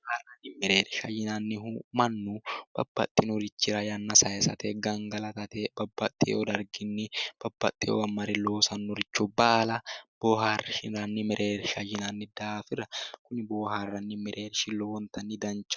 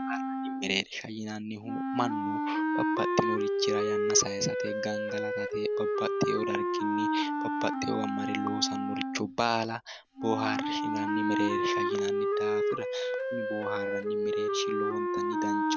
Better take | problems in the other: first | background sound (Wind instrument, woodwind instrument); 4 dB above the speech

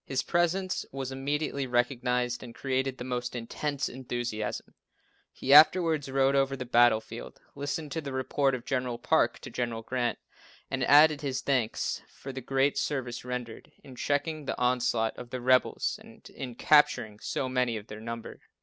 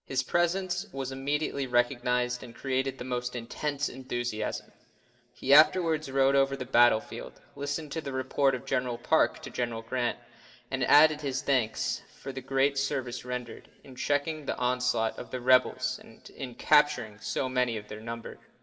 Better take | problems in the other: first | room echo; dies away in 1.3 s

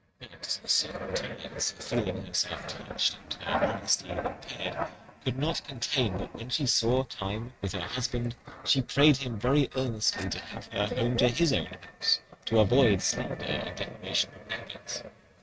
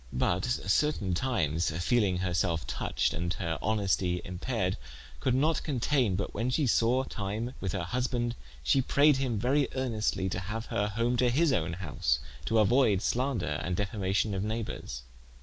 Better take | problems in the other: second | noise reduction (neural mask model RNNoise)

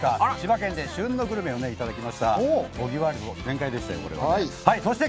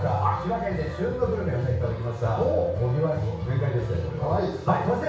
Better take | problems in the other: first | room echo; dies away in 0.6 s

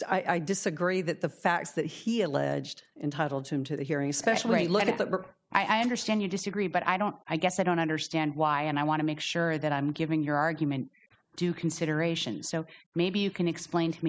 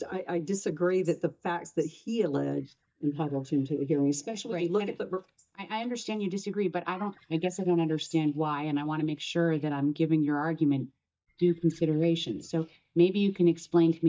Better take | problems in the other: first | noise reduction (neural mask model DeepFilterNet 3)

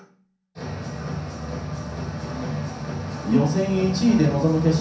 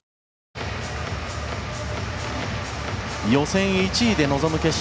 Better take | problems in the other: second | room echo; dies away in 0.6 s

